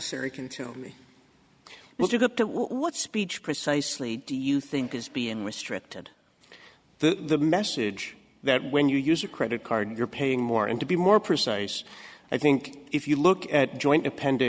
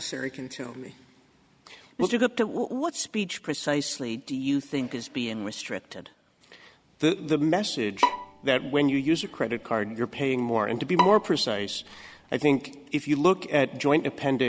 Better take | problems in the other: first | background sound (Bowed string instrument); 4 dB below the speech

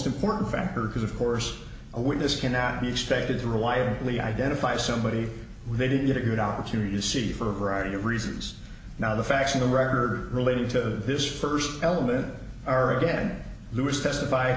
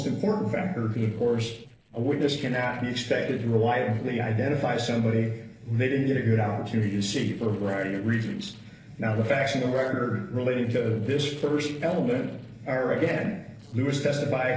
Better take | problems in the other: first | noise reduction (neural separator model SepFormer DNS4)

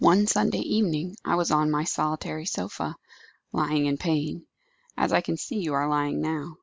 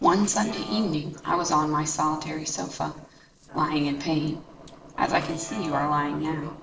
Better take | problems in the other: first | noise reduction (neural separator model SepFormer DNS4)

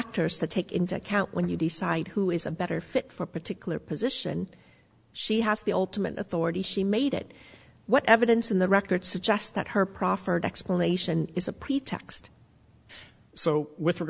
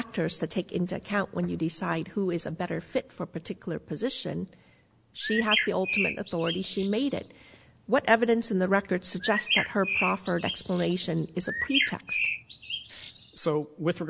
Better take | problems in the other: first | background sound (Bird); 3 dB below the speech

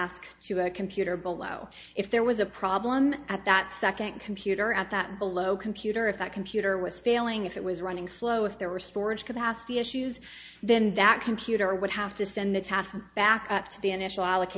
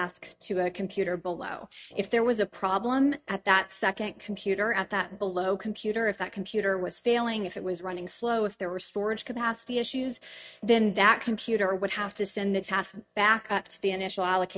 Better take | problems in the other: first | noise reduction (neural mask model RNNoise)

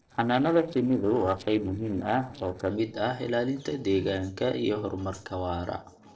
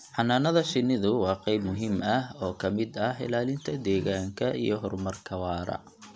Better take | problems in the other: second | noise reduction (neural separator model SepFormer DNS4)

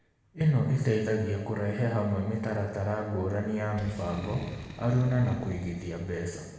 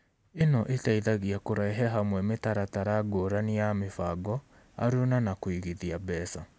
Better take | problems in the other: second | background sound (Boom); 18 dB below the speech // room echo; dies away in 1.2 s

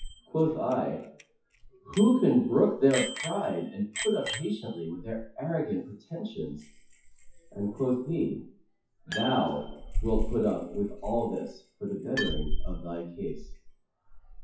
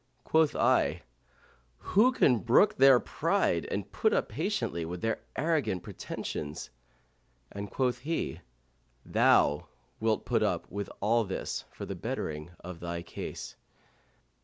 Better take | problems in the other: second | noise reduction (classical method WPE with log-MMSE)

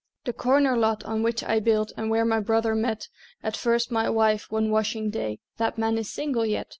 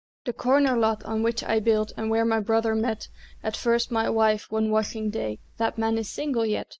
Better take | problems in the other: first | noise reduction (neural mask model DeepFilterNet 3)

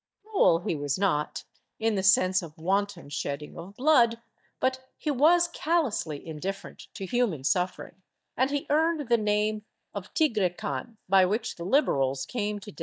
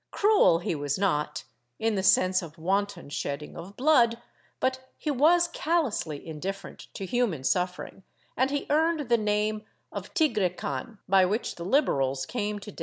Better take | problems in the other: second | noise reduction (neural mask model DeepFilterNet 3)

